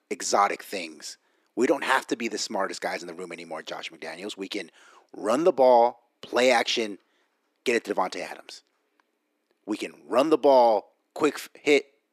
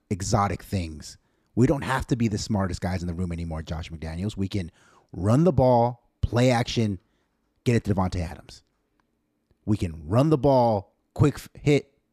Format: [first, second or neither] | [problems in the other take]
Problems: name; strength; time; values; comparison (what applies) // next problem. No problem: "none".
second | thin; somewhat; fading below 350 Hz